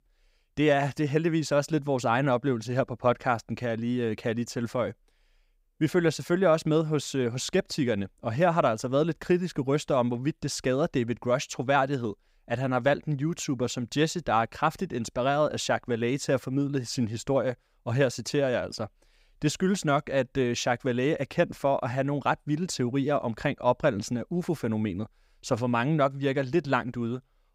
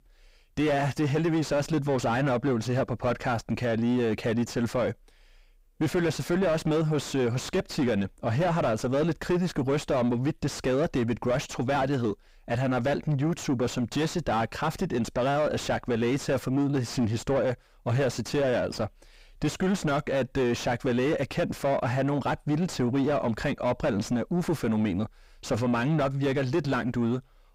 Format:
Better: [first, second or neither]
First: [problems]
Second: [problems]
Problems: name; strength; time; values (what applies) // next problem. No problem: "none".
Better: first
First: none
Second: distortion; heavy; 5 dB below the speech